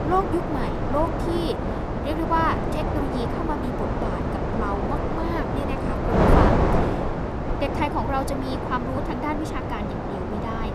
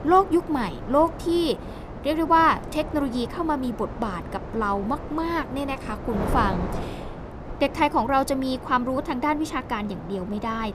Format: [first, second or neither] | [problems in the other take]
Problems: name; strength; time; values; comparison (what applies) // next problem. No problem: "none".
second | wind noise on the microphone; heavy; 1 dB above the speech; occasional gusts in the second